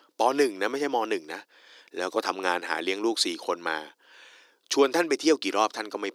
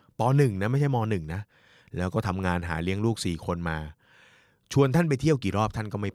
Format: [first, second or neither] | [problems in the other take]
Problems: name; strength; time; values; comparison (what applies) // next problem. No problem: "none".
second | thin; somewhat; fading below 300 Hz